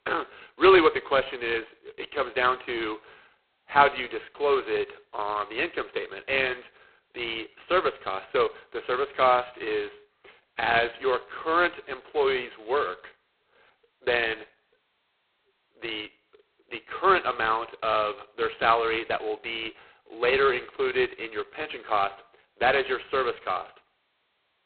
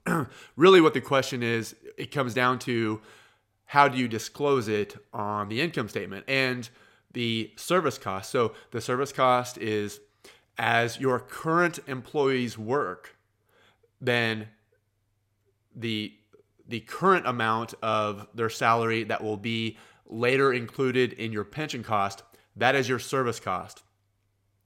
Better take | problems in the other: second | phone-call audio; poor line; nothing above 4 kHz

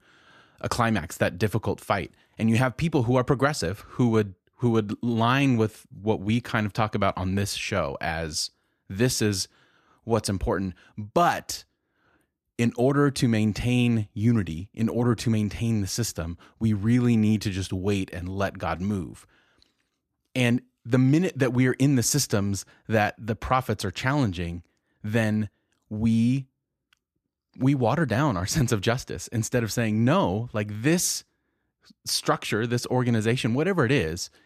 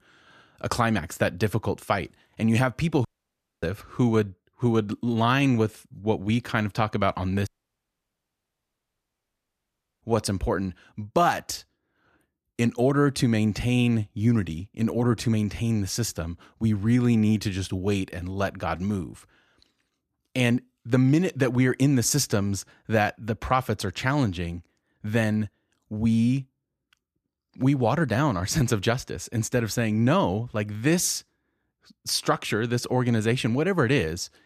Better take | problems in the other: first | audio cutting out; at 3 s for 0.5 s and at 7.5 s for 2.5 s

